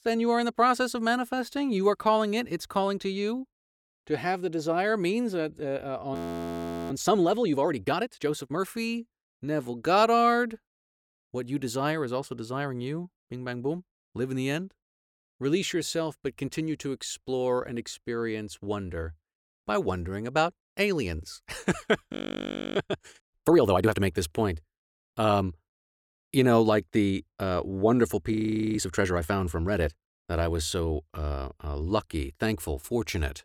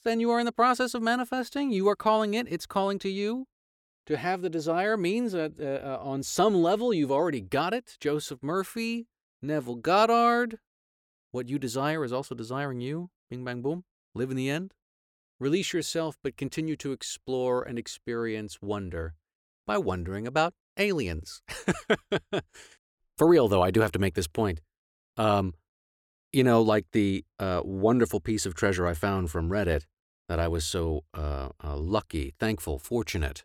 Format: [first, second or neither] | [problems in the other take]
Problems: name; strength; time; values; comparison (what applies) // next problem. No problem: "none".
second | audio freezing; at 6 s for 1 s, at 22 s for 0.5 s and at 28 s